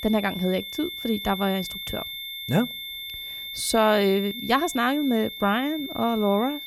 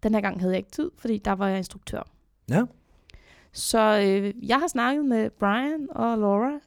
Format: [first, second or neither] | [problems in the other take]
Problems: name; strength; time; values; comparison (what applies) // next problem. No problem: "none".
second | high-pitched whine; loud; throughout; 3.5 kHz, 8 dB below the speech